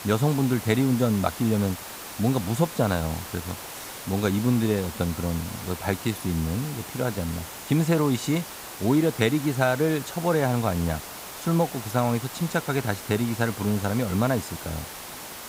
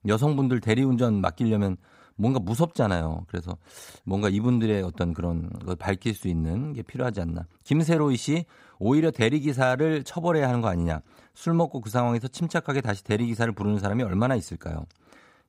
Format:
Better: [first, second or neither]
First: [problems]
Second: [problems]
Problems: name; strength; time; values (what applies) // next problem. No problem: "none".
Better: second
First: hiss; noticeable; throughout; 10 dB below the speech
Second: none